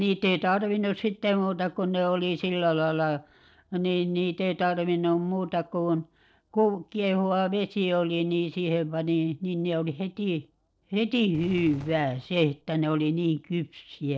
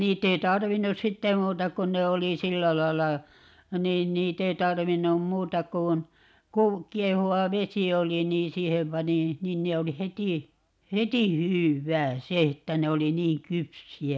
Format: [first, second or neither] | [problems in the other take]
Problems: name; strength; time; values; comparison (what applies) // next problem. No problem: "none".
second | noise reduction (neural separator model SepFormer DNS4)